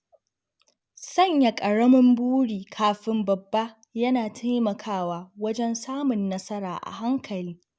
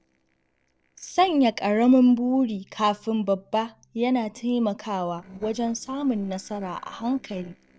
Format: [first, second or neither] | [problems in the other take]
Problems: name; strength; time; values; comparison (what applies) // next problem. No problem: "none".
first | noise reduction (neural separator model SepFormer DNS4)